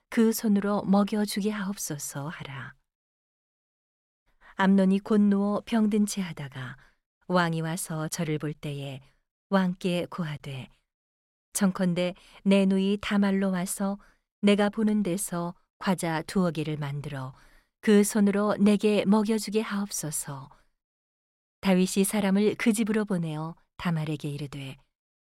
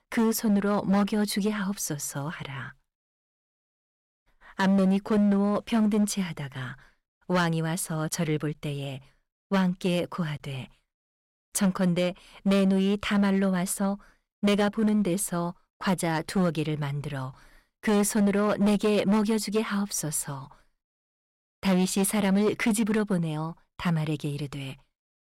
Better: first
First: none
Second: distortion; slight; 8% of the sound clipped

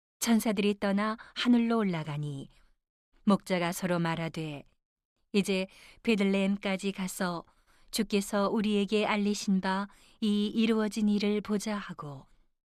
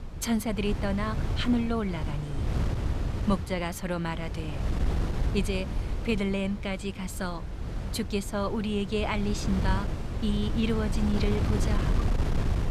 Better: first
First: none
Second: wind noise on the microphone; heavy; 7 dB below the speech

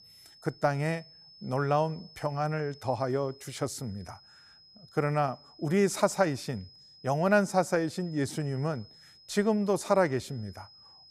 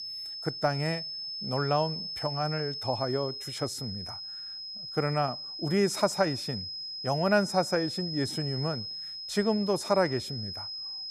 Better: first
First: high-pitched whine; faint; throughout; 5 kHz, 25 dB below the speech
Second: high-pitched whine; loud; throughout; 5 kHz, 5 dB below the speech

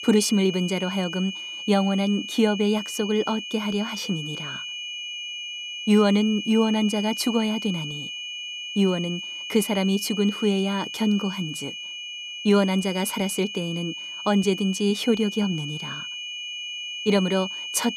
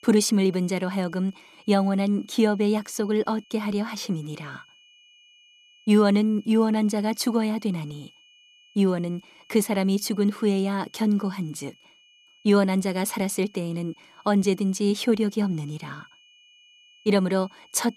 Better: second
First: high-pitched whine; loud; throughout; 3 kHz, 7 dB below the speech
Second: high-pitched whine; faint; throughout; 3 kHz, 30 dB below the speech

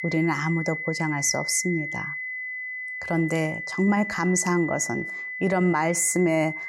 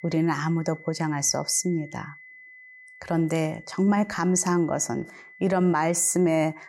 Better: second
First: high-pitched whine; loud; throughout; 2 kHz, 6 dB below the speech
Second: high-pitched whine; faint; throughout; 2 kHz, 20 dB below the speech

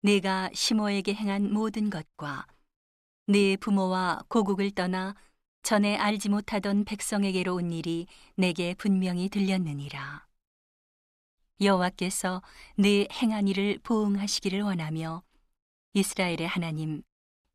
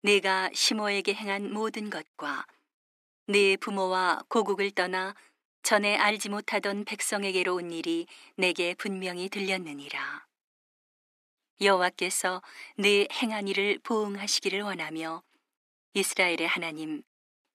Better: first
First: none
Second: thin; somewhat; fading below 300 Hz

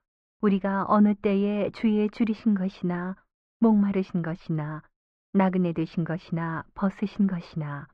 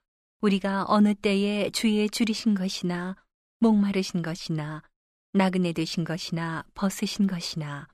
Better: second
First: muffled; very; fading above 1.5 kHz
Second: none

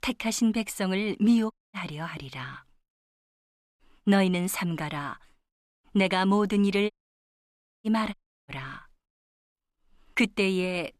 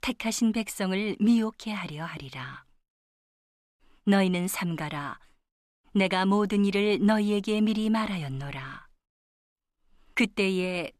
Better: second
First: audio cutting out; at 1.5 s, at 7 s for 1 s and at 8 s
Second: none

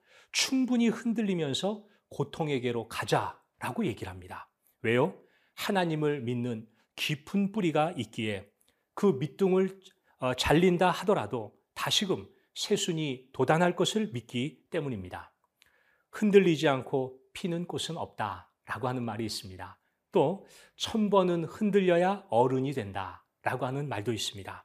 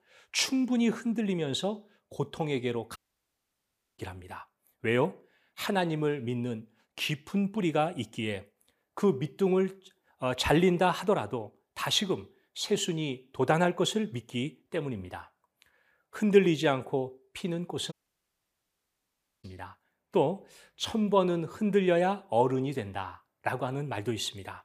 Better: first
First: none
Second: audio cutting out; at 3 s for 1 s and at 18 s for 1.5 s

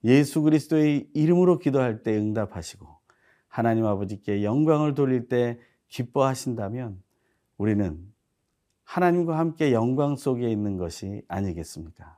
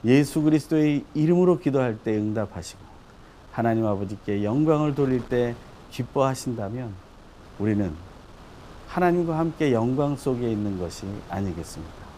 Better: first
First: none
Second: wind noise on the microphone; occasional gusts; 20 dB below the speech

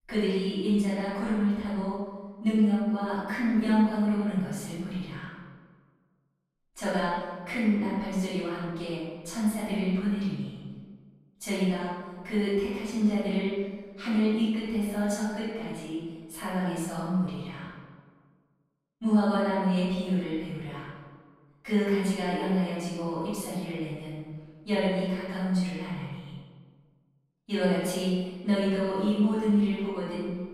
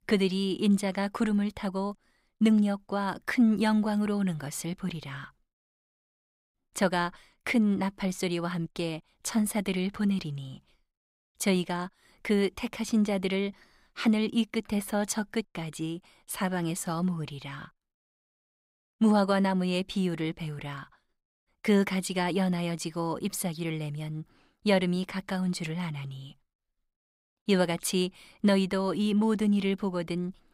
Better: second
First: off-mic speech; far // room echo; strong; dies away in 1.3 s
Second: none

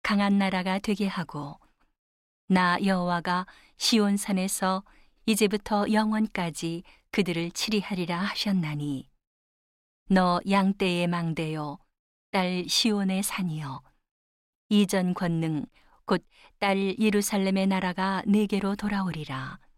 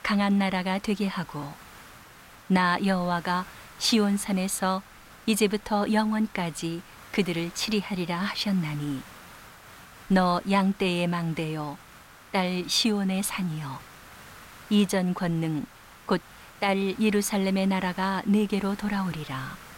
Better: first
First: none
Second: hiss; faint; throughout; 20 dB below the speech

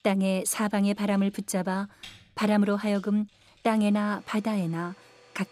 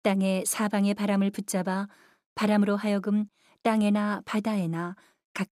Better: second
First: household noises; faint; throughout; 25 dB below the speech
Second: none

